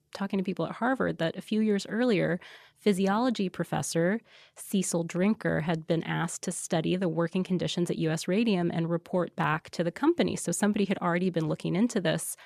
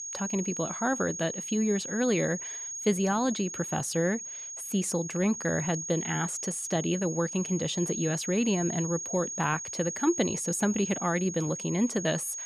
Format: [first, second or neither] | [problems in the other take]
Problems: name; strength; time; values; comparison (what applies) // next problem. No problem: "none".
first | high-pitched whine; loud; throughout; 6.5 kHz, 5 dB below the speech